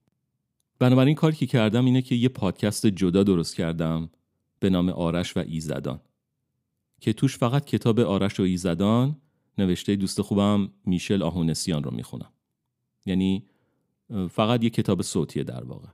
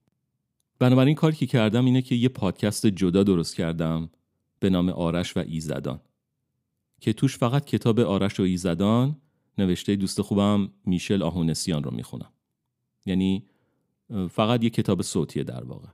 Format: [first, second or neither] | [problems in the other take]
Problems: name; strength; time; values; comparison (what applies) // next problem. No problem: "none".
neither | none